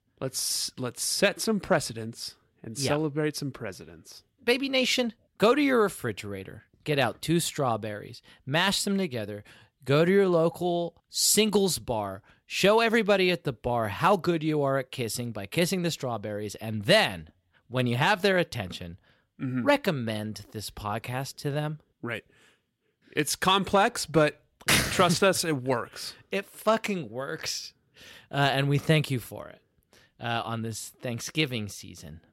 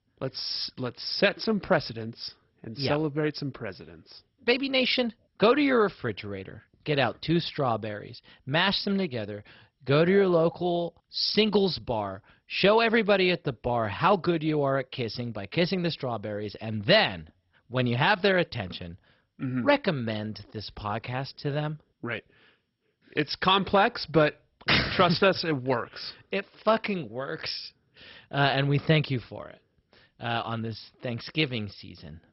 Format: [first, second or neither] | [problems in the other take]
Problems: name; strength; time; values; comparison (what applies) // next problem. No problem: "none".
first | garbled, watery; badly; nothing above 5.5 kHz